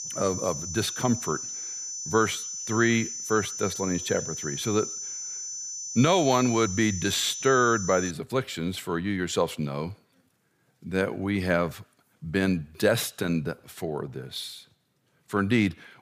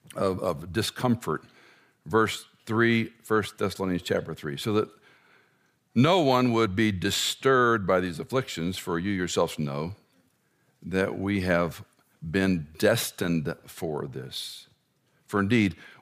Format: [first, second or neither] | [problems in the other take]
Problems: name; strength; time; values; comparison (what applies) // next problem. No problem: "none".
second | high-pitched whine; loud; until 8 s; 6 kHz, 6 dB below the speech